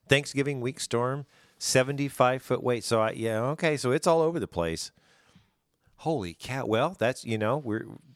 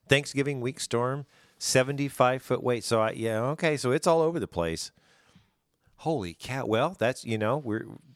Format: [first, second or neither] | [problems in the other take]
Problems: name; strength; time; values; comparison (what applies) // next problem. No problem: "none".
neither | none